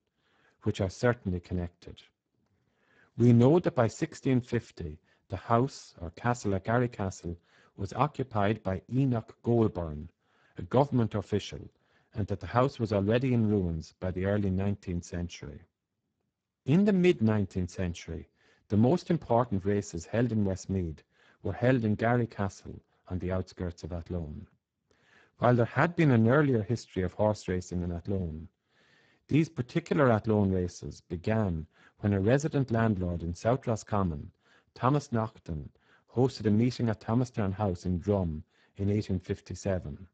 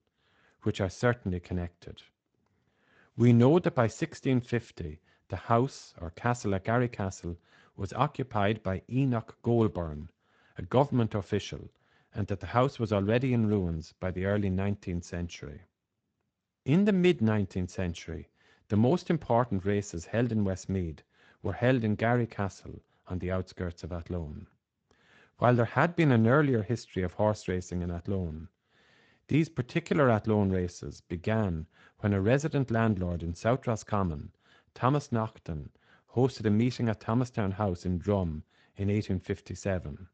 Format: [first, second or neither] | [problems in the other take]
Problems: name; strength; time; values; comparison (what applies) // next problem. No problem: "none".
second | garbled, watery; badly; nothing above 7.5 kHz; slightly in the second